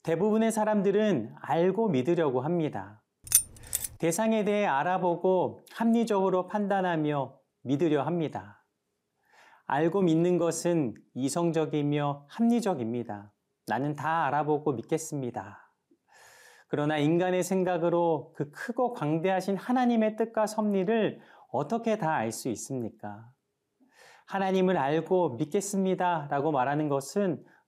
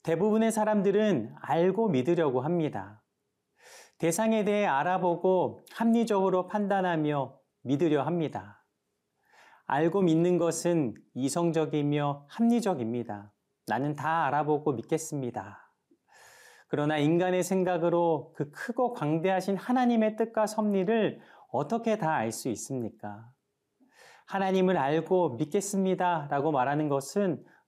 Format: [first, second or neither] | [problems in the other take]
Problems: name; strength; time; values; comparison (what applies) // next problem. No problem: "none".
second | jangling keys; loud; at 3.5 s; peak 4 dB above the speech